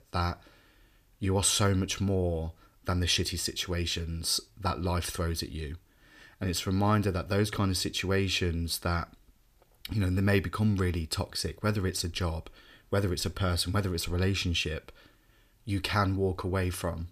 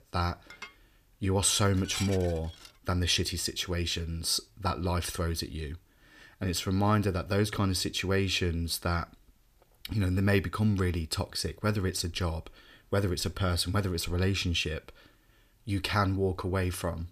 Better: first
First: none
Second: clattering dishes; noticeable; until 2.5 s; peak 7 dB below the speech

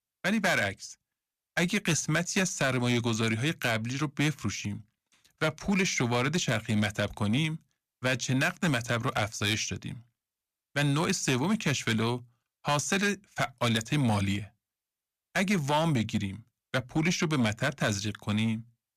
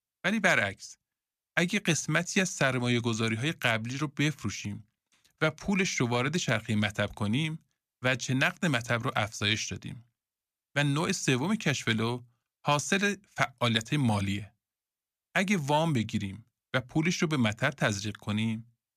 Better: second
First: distortion; slight; 6% of the sound clipped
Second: none

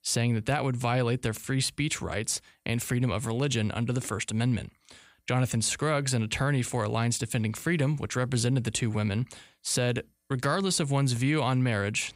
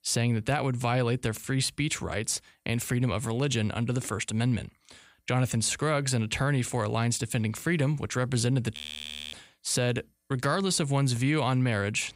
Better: first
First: none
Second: audio freezing; at 9 s for 0.5 s

